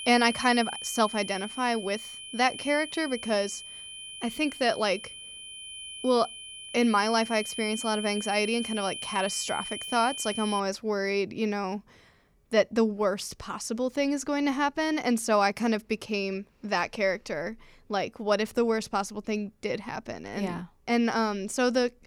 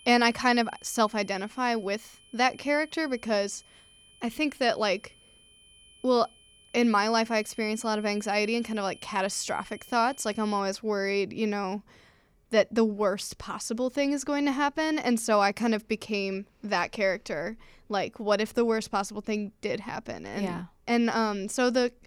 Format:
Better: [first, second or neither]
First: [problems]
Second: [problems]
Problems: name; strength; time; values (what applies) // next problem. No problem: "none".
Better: second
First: high-pitched whine; loud; until 11 s; 3 kHz, 9 dB below the speech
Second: high-pitched whine; faint; until 11 s; 3 kHz, 25 dB below the speech